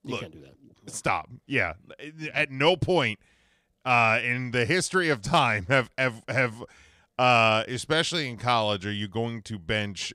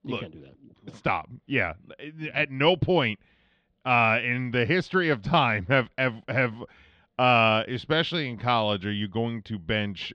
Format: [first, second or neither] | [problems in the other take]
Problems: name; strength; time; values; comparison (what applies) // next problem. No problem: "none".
first | muffled; slightly; fading above 3.5 kHz